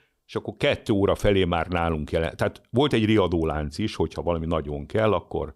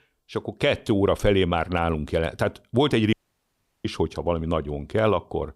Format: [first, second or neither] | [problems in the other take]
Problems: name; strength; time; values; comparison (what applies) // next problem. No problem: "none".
first | audio cutting out; at 3 s for 0.5 s